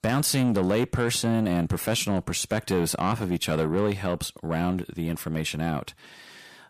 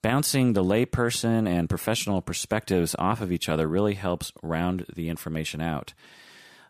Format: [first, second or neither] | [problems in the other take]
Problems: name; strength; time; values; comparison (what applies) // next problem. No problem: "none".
second | distortion; slight; 10 dB below the speech